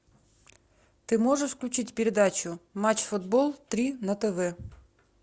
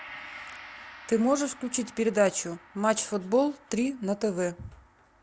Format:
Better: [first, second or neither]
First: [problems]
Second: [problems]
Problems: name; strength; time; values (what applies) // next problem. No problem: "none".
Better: first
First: none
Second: background sound (Gong); 19 dB below the speech